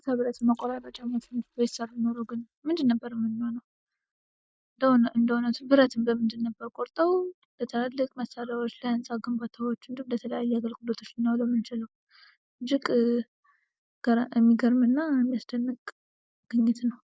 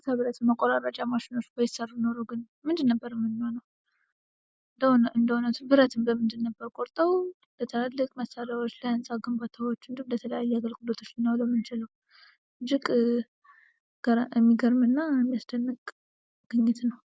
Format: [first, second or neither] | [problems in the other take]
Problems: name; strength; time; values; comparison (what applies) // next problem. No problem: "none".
second | noise reduction (neural mask model DeepFilterNet 3)